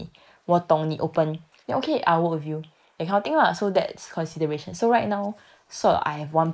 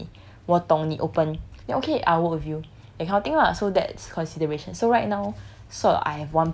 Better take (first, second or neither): second